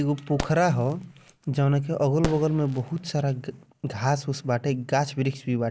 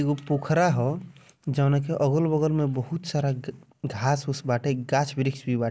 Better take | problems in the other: second | background sound (Fireworks); 13 dB below the speech

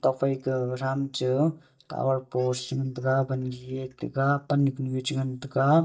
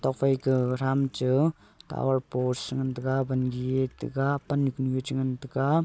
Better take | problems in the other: second | noise reduction (neural mask model DeepFilterNet 3)

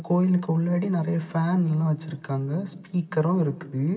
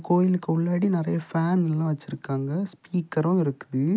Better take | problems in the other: second | room echo; dies away in 2 s

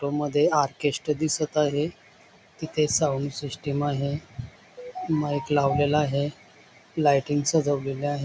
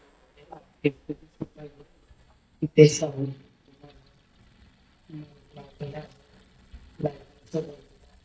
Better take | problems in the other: first | noise reduction (neural mask model DeepFilterNet 3)

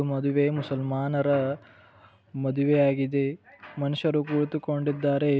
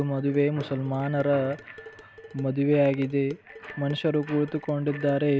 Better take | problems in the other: first | background sound (Bicycle bell + Dishes, pots, and pans); 19 dB below the speech

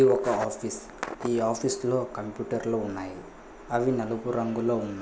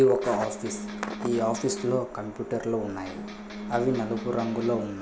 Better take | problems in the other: first | background sound (Electric guitar); 9 dB below the speech

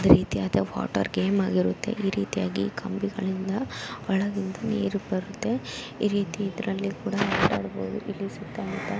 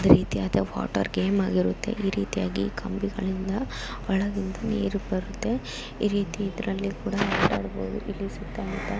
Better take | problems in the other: first | background sound (Mechanisms); 13 dB below the speech

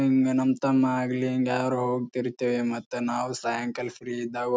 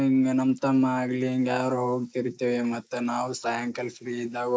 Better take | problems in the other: first | noise reduction (neural mask model Resemble Enhance denoiser)

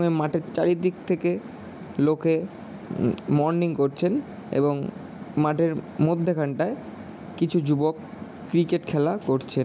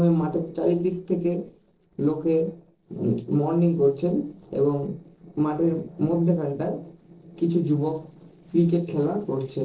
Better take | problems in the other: first | noise reduction (neural separator model SepFormer DNS4)

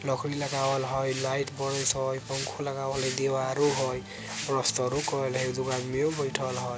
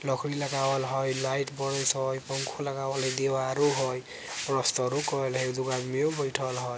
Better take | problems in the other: second | background sound (Organ); 15 dB below the speech

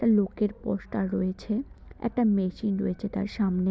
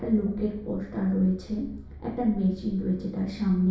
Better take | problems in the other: first | background sound (Boat, Water vehicle); 19 dB below the speech // room echo; dies away in 0.6 s

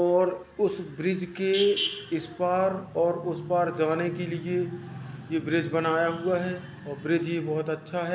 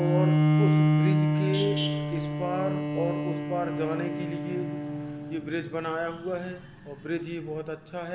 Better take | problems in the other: first | background sound (Bowed string instrument); 5 dB above the speech

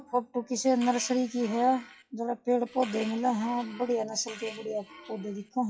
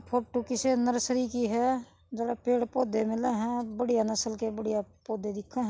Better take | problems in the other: second | noise reduction (classical method WPE with log-MMSE)

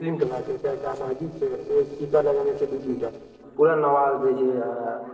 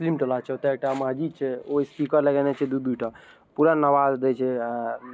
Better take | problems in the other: second | noise reduction (neural separator model SepFormer DNS4)

